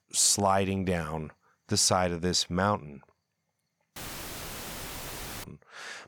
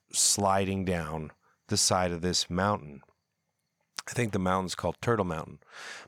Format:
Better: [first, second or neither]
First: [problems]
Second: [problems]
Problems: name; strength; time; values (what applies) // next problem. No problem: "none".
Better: second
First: audio cutting out; filled with static; at 4 s for 1.5 s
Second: none